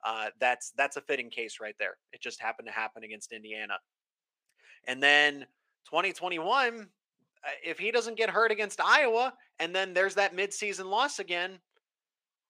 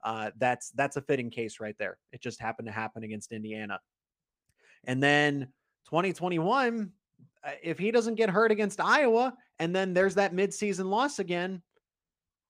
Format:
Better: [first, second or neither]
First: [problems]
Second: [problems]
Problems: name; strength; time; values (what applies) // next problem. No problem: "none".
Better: second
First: thin; somewhat; fading below 500 Hz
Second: none